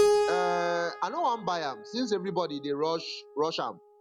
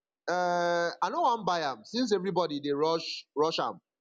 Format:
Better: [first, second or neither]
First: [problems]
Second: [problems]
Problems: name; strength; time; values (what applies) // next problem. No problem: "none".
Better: second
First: background sound (Keyboard (musical)); 1 dB below the speech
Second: none